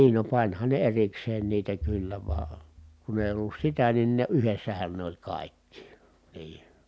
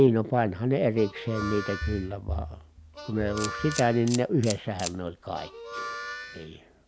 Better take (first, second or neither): first